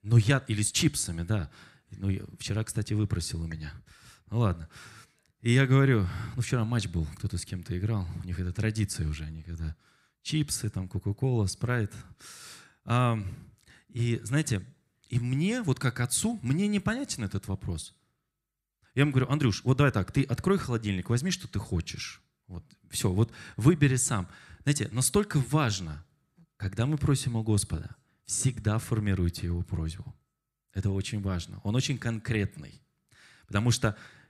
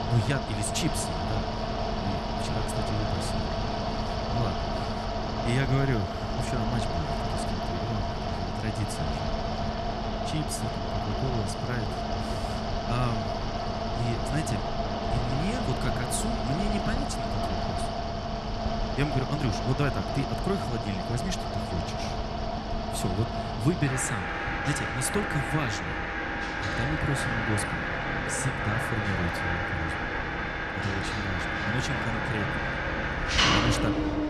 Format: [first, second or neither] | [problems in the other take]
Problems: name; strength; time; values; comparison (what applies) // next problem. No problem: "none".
first | machinery noise; very loud; throughout; 2 dB above the speech